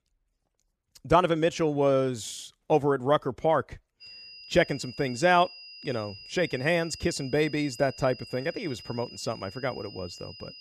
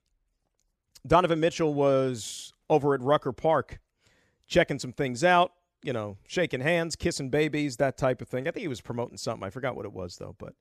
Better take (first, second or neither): second